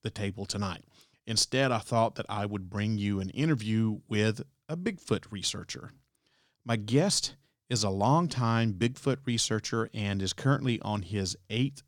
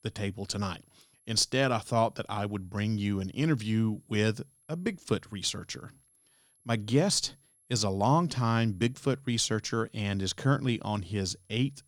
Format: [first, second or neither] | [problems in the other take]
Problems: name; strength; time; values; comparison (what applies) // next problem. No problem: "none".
first | high-pitched whine; faint; throughout; 11 kHz, 35 dB below the speech